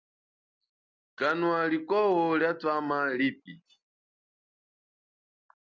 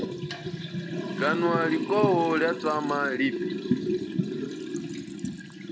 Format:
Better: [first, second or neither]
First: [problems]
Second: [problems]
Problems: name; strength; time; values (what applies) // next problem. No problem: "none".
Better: first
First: none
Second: background sound (Liquid); 2 dB below the speech